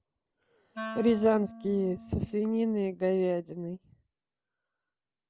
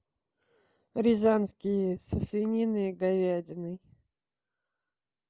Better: second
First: background sound (Wind instrument, woodwind instrument); 13 dB below the speech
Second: none

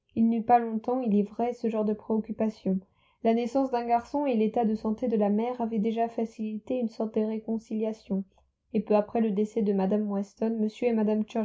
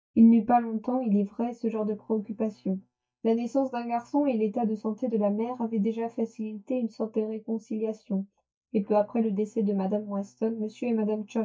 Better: first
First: none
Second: noise reduction (neural mask model DeepFilterNet 3)

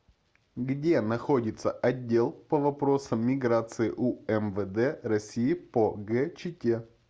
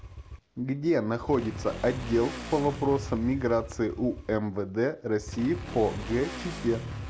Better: first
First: none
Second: background sound (Motorcycle / Accelerating, revving, vroom); 10 dB below the speech

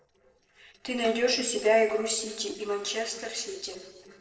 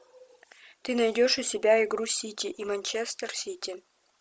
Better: second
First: noise reduction (neural separator model SepFormer DNS4)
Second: none

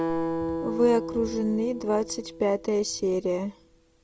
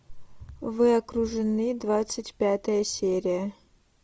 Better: second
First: background sound (Acoustic guitar); 7 dB below the speech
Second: none

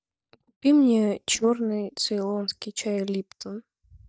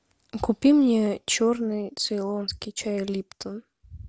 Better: second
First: noise reduction (neural mask model DeepFilterNet 3)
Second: none

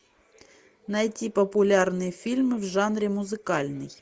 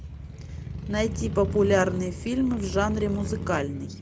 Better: first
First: none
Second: background sound (Motorcycle / Crow); 6 dB below the speech

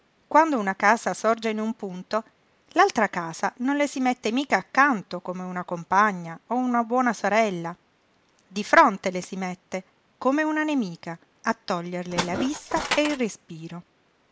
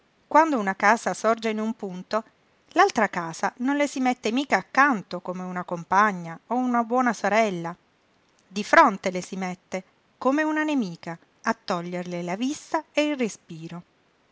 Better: second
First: background sound (Tools); 5 dB below the speech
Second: none

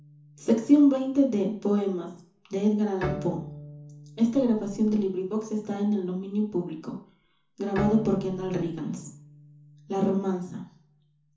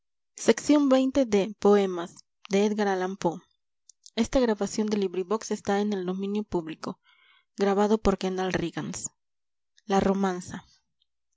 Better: second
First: background sound (Bowed string instrument); 15 dB below the speech // room echo; dies away in 0.9 s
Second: none

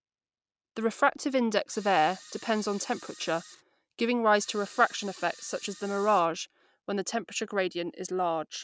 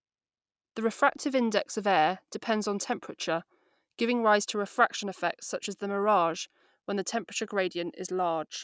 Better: second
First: background sound (Camera); 20 dB below the speech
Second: none

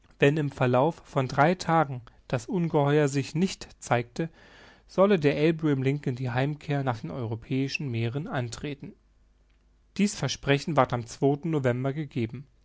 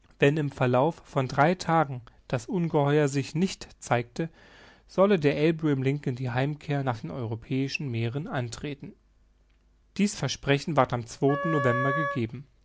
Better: first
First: none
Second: background sound (Wind instrument, woodwind instrument); 4 dB below the speech

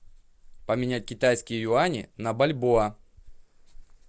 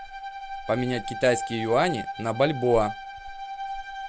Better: first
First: none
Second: background sound (Bowed string instrument); 9 dB below the speech

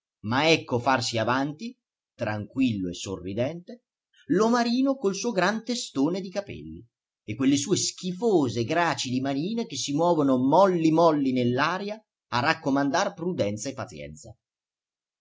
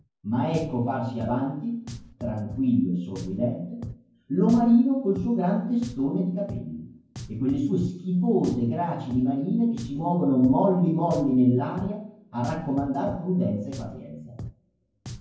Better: first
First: none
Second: background sound (Drum); 17 dB below the speech // room echo; dies away in 0.9 s

